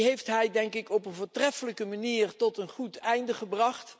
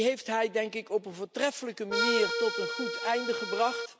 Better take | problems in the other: first | background sound (Accordion); as loud as the speech

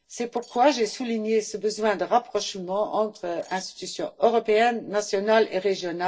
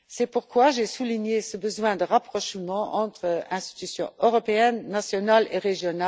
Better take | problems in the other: second | noise reduction (neural separator model SepFormer DNS4)

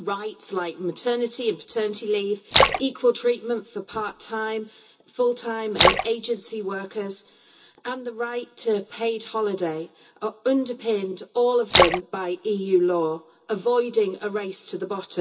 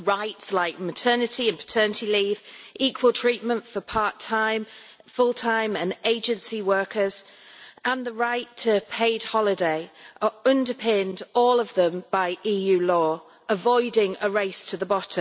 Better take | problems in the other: second | background sound (Splash, splatter); as loud as the speech // room echo; dies away in 0.2 s

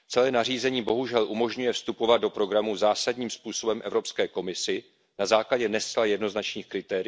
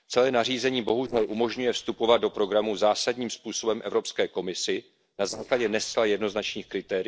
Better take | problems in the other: first | noise reduction (neural separator model SepFormer DNS4)

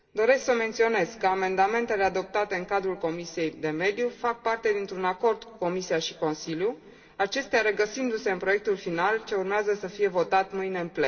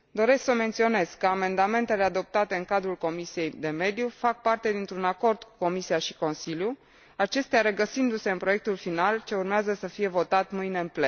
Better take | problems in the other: second | room echo; dies away in 2 s

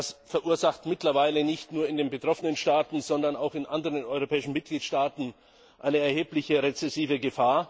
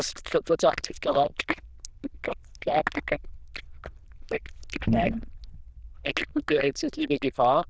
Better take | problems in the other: first | noise reduction (neural diffusion model UNIVERSE++)

